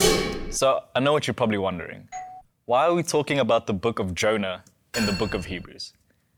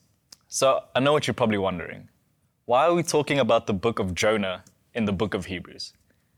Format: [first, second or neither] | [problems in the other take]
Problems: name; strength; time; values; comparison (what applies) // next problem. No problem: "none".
second | clattering dishes; loud; at the start; peak 4 dB above the speech // doorbell; faint; at 2 s; peak 15 dB below the speech // clattering dishes; noticeable; at 5 s; peak 4 dB below the speech